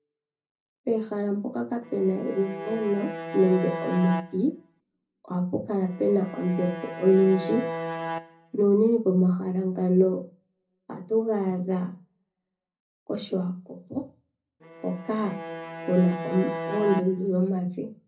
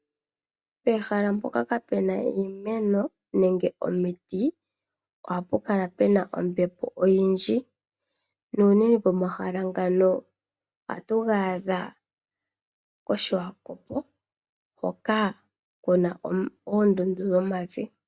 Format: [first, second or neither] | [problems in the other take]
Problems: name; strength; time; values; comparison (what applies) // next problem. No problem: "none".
second | background sound (Bowed string instrument); 9 dB below the speech // room echo; dies away in 0.4 s